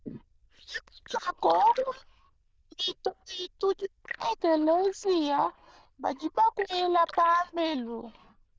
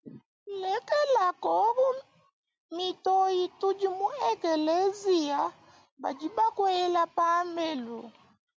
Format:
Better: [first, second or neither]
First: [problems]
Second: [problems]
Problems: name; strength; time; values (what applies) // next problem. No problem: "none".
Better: second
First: noise reduction (neural diffusion model UNIVERSE++)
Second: none